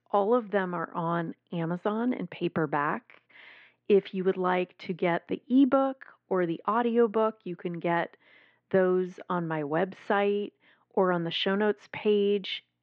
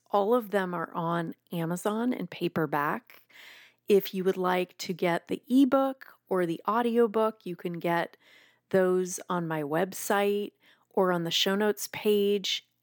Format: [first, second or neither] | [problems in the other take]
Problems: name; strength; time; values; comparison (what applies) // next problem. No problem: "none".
second | muffled; very; fading above 3 kHz